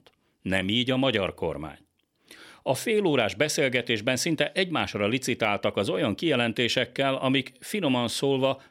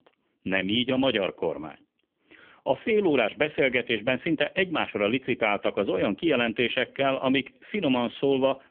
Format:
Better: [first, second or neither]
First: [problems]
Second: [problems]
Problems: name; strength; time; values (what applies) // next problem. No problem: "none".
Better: first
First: none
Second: phone-call audio; poor line; nothing above 3.5 kHz